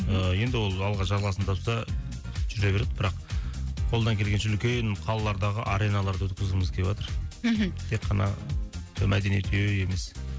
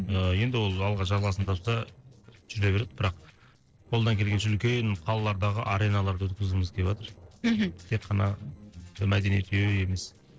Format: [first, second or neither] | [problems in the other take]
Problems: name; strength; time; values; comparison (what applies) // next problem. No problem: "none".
first | noise reduction (neural separator model SepFormer DNS4)